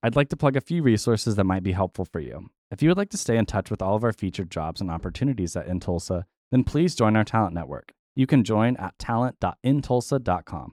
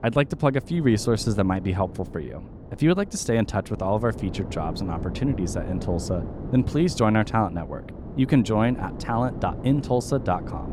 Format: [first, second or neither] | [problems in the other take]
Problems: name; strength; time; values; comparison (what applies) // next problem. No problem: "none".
first | wind noise on the microphone; occasional gusts; 15 dB below the speech